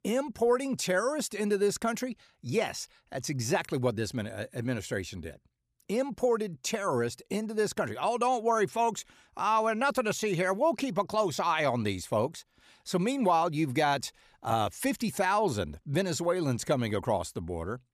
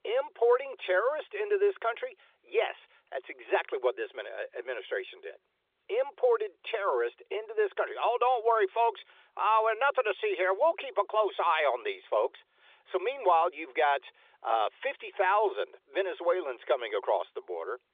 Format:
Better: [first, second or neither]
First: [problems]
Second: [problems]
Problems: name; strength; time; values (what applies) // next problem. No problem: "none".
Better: first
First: none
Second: phone-call audio